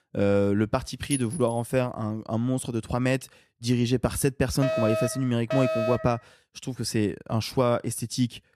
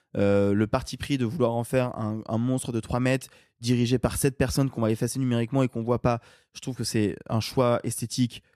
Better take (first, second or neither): second